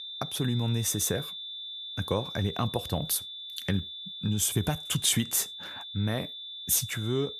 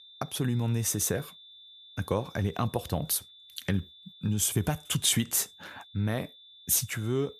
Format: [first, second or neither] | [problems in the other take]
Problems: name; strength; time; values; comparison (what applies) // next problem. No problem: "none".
second | high-pitched whine; loud; throughout; 3.5 kHz, 8 dB below the speech; faint in the second